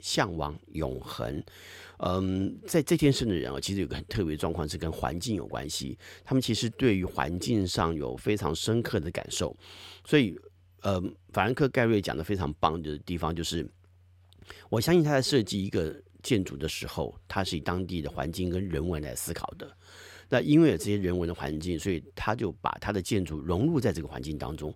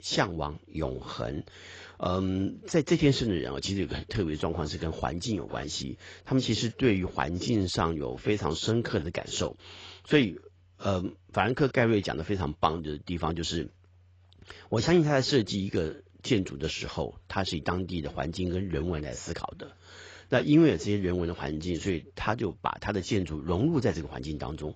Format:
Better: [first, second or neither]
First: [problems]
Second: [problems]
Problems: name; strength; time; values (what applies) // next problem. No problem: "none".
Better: first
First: none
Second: garbled, watery; badly; nothing above 7.5 kHz